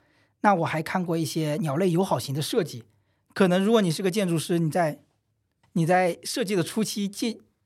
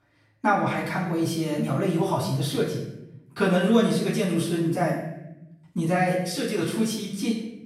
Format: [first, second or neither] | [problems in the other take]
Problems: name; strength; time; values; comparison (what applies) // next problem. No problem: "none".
first | off-mic speech; far // room echo; noticeable; dies away in 0.8 s